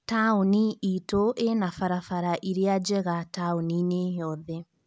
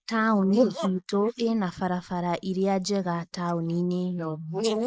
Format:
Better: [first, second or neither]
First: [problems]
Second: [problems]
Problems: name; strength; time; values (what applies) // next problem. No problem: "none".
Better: first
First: none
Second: noise reduction (neural mask model Resemble Enhance denoiser)